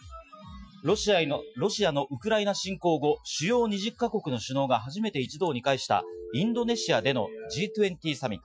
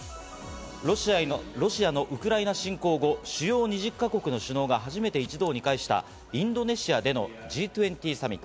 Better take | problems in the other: second | noise reduction (classical method Wiener filter)

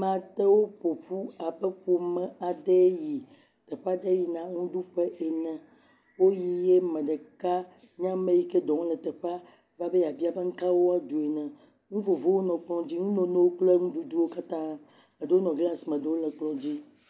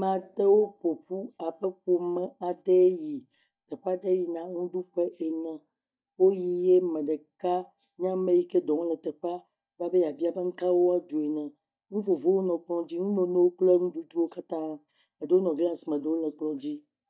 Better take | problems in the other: first | noise reduction (neural mask model DeepFilterNet 3)

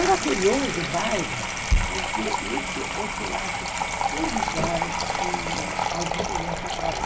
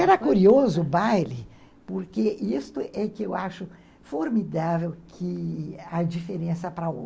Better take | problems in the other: second | background sound (Sink (filling or washing) / Water tap, faucet); 3 dB above the speech // room echo; dies away in 2.4 s

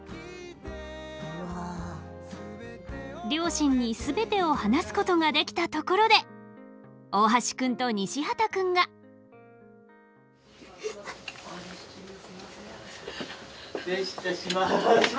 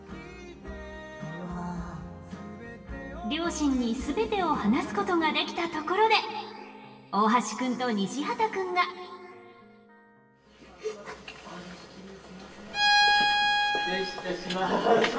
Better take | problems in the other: first | background sound (Bowed string instrument); 4 dB above the speech // room echo; dies away in 2.6 s

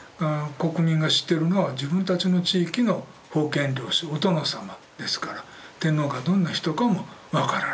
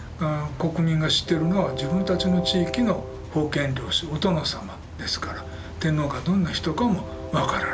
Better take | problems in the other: first | background sound (Train); 10 dB below the speech

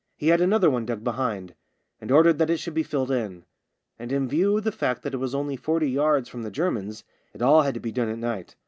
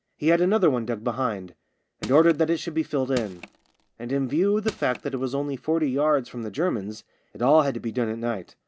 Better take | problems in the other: first | background sound (Crushing); 17 dB below the speech

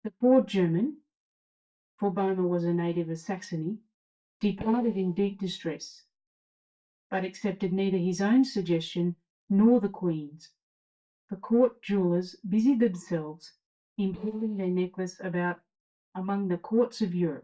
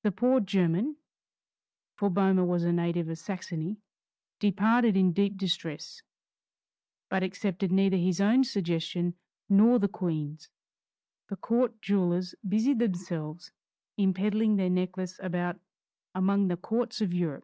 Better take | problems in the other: second | noise reduction (neural mask model DeepFilterNet 3)

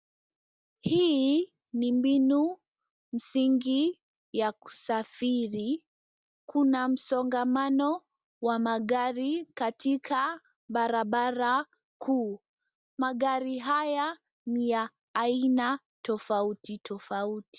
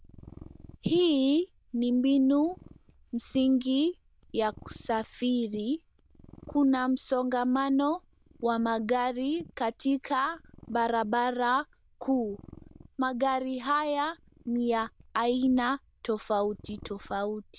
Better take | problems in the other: first | noise reduction (neural diffusion model UNIVERSE++)

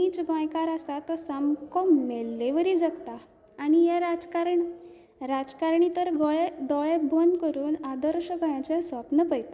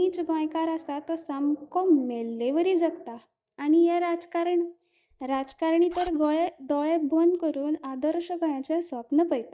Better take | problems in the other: first | noise reduction (neural mask model DeepFilterNet 3)

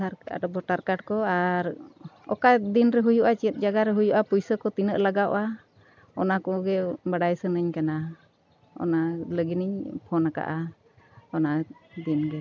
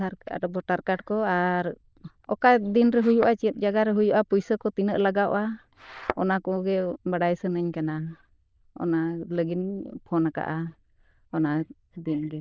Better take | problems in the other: first | noise reduction (neural diffusion model UNIVERSE++)

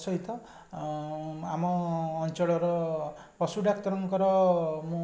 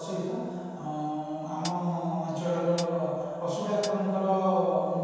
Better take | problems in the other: first | background sound (Hi-hat); 18 dB below the speech // room echo; dies away in 2.1 s

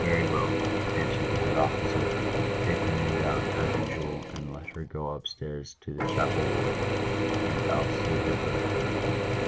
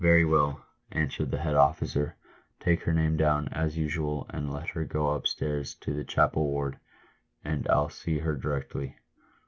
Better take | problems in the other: second | background sound (Drill / Mechanisms); 5 dB above the speech

